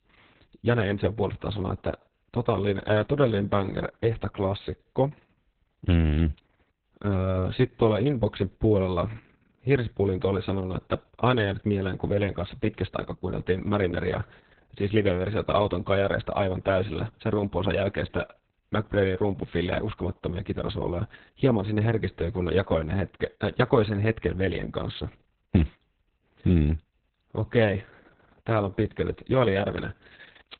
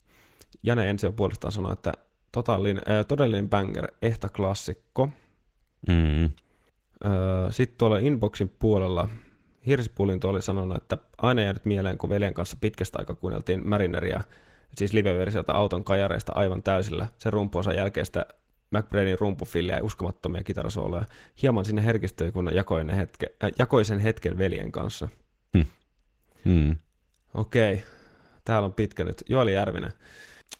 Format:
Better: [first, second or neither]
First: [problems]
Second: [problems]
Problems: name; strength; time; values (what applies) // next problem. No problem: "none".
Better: second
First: garbled, watery; badly; nothing above 4 kHz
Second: garbled, watery; slightly; nothing above 16 kHz